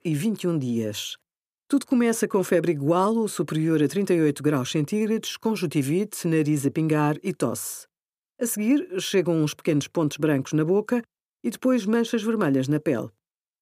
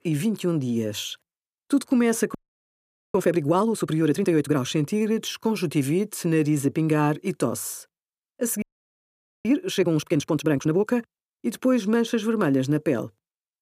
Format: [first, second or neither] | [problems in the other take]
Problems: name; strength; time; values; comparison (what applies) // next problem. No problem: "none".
first | audio freezing; at 2.5 s for 1 s and at 8.5 s for 1 s